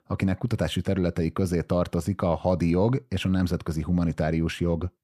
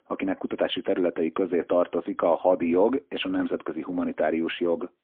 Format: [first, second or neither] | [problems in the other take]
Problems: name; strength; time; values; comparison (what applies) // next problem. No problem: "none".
first | phone-call audio; poor line; nothing above 3.5 kHz